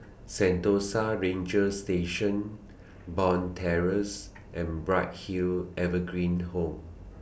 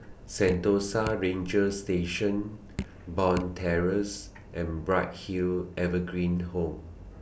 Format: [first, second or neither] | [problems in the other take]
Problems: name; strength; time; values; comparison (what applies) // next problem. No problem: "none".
first | background sound (Drip); 12 dB below the speech